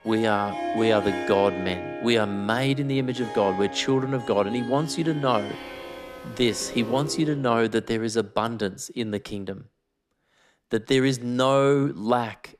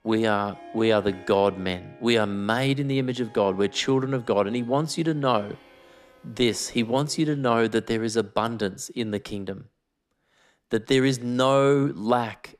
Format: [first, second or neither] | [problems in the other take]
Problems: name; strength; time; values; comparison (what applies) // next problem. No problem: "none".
second | background music; loud; until 7 s; 10 dB below the speech; faint in the second